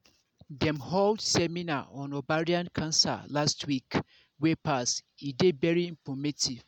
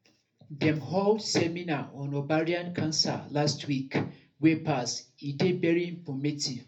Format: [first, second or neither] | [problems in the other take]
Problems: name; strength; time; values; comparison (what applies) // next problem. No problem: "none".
first | room echo; dies away in 0.3 s